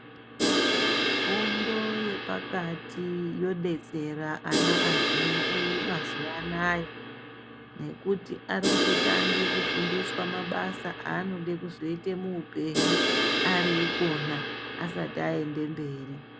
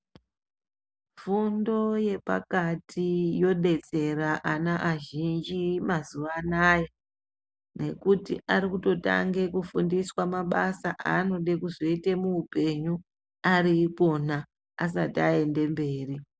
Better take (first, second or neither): second